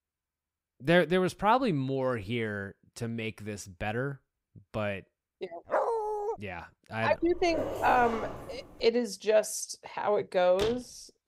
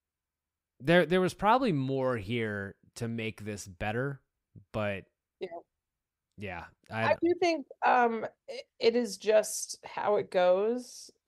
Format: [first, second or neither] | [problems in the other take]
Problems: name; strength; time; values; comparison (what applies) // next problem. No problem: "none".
second | dog barking; noticeable; at 5.5 s and from 7 to 9 s; peak level with the speech // door banging; noticeable; at 11 s; peak 8 dB below the speech